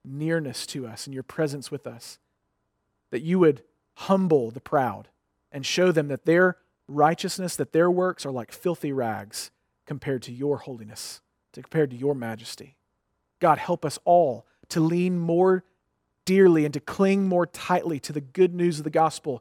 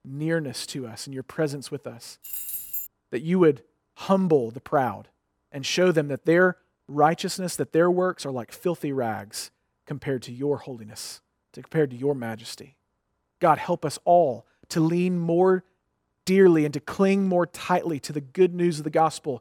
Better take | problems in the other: first | jangling keys; noticeable; at 2 s; peak 5 dB below the speech

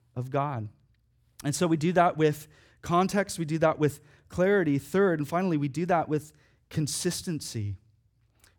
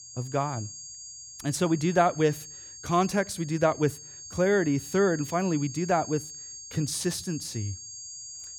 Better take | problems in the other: first | high-pitched whine; noticeable; throughout; 6.5 kHz, 15 dB below the speech

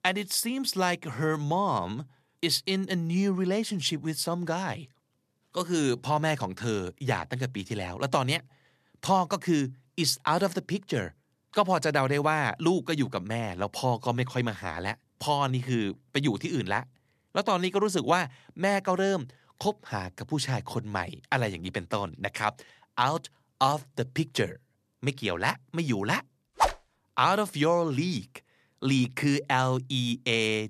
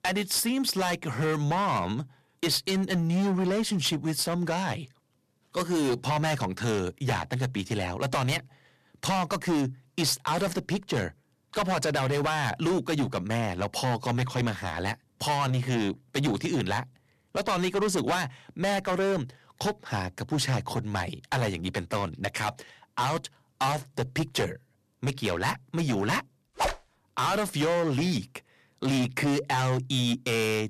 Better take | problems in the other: first | distortion; heavy; 13% of the sound clipped

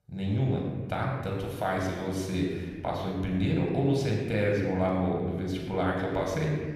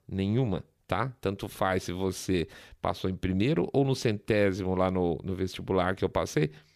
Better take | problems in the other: second | off-mic speech; somewhat distant // room echo; noticeable; dies away in 1.5 s

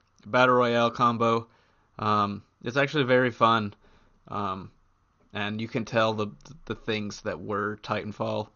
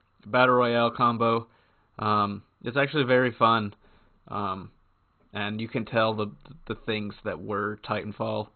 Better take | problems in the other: first | garbled, watery; badly; nothing above 4 kHz; slightly in the first

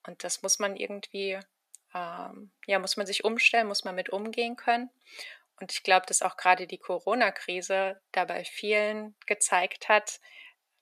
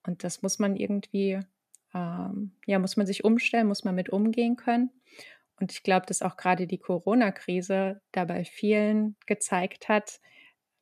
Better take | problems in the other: second | thin; very; fading below 650 Hz

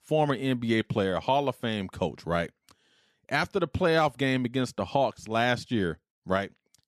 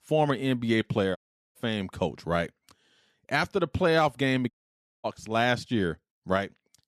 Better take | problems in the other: first | audio cutting out; at 1 s and at 4.5 s for 0.5 s

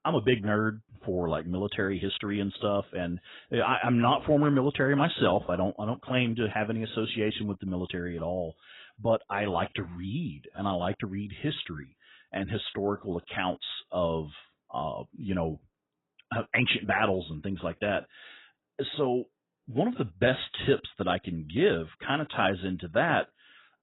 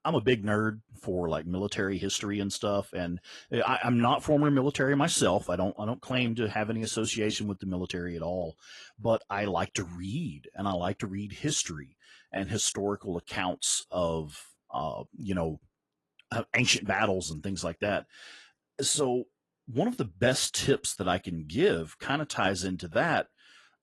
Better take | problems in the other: second | garbled, watery; badly; nothing above 4 kHz; slightly in the second

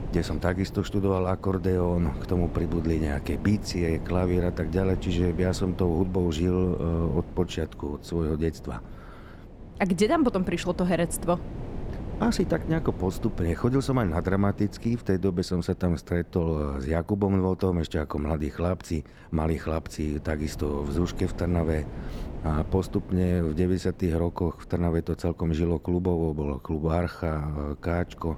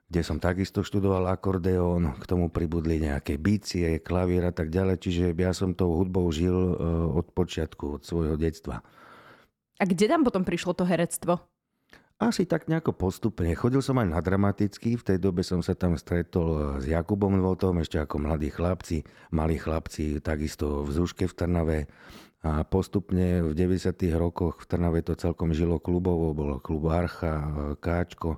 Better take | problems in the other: second | wind noise on the microphone; occasional gusts; 15 dB below the speech

